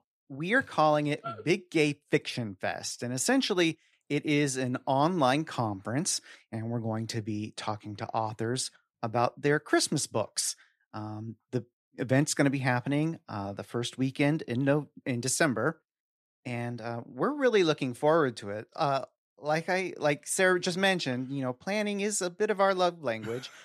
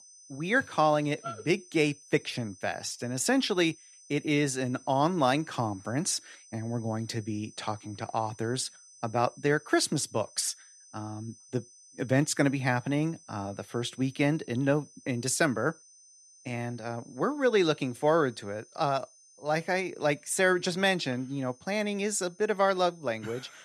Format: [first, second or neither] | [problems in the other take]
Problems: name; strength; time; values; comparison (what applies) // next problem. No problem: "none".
first | high-pitched whine; faint; throughout; 6 kHz, 25 dB below the speech